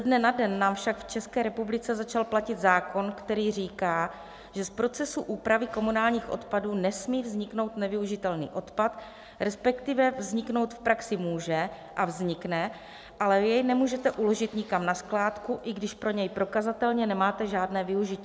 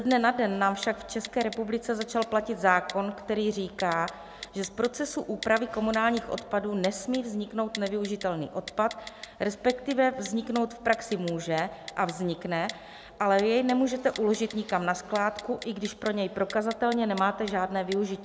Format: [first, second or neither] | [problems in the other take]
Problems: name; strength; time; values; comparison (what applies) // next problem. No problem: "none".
first | background sound (Typing); 18 dB below the speech